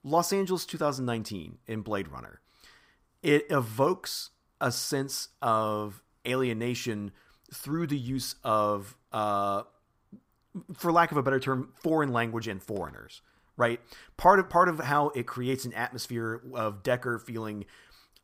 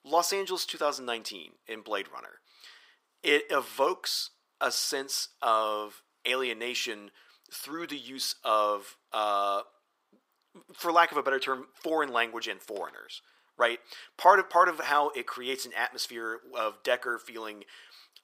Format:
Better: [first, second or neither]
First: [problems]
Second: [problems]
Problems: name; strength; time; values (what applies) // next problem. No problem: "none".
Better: first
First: none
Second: thin; somewhat; fading below 400 Hz